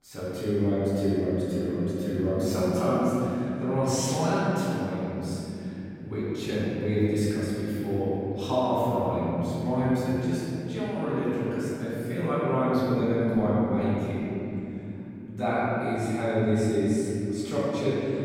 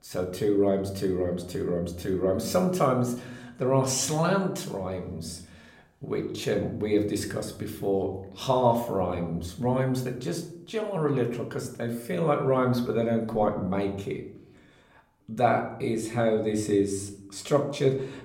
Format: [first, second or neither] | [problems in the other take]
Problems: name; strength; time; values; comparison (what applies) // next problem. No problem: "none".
second | room echo; strong; dies away in 3 s; slight in the second // off-mic speech; far